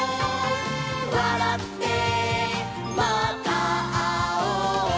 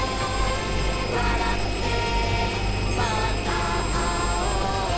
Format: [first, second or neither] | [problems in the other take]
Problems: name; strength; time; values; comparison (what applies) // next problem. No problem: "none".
first | background sound (Engine); 3 dB above the speech